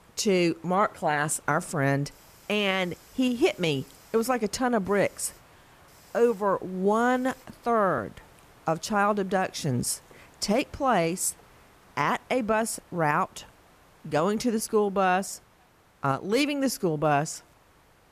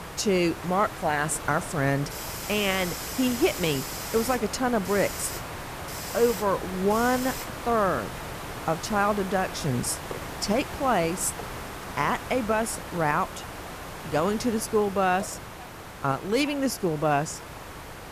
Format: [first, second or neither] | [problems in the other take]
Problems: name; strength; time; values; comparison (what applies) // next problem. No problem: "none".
first | hiss; loud; throughout; 9 dB below the speech; faint in the first